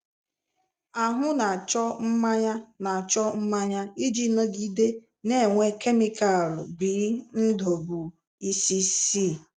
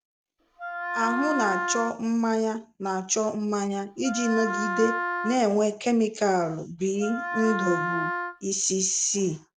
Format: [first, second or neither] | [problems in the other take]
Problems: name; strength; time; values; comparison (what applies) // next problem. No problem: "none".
first | background sound (Wind instrument, woodwind instrument); 4 dB below the speech